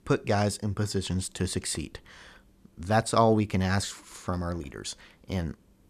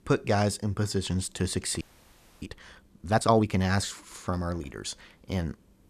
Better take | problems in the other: first | audio freezing; at 2 s for 0.5 s

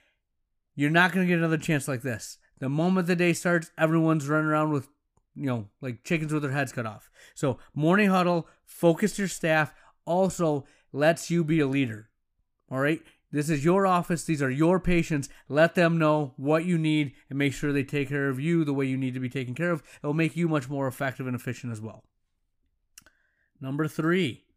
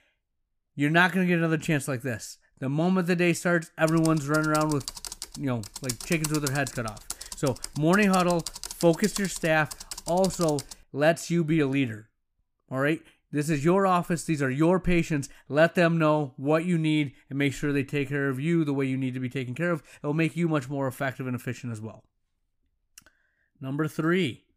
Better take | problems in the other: first | keyboard typing; noticeable; from 4 to 11 s; peak 6 dB below the speech

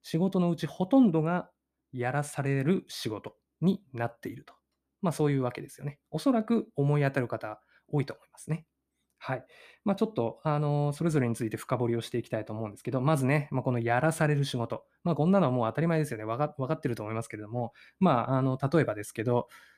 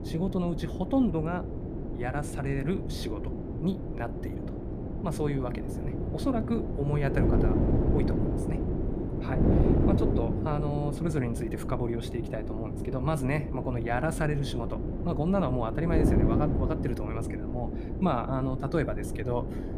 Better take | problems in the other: first | wind noise on the microphone; heavy; 3 dB below the speech

